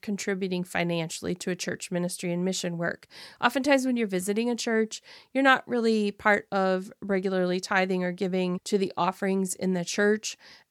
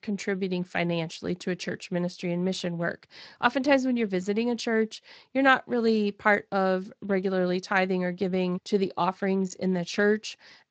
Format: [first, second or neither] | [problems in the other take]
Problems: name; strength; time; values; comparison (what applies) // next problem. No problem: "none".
first | garbled, watery; slightly; nothing above 7.5 kHz